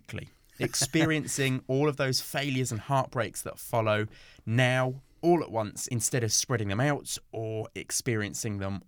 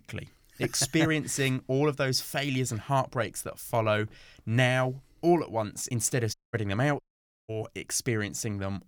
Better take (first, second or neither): first